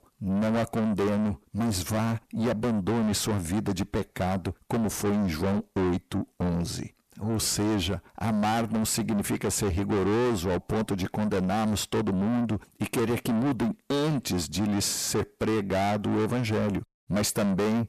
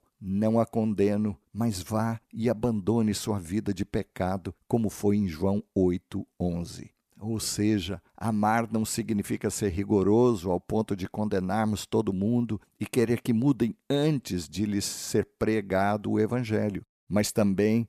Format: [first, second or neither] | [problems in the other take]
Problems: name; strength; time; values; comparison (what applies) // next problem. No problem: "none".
second | distortion; heavy; 6 dB below the speech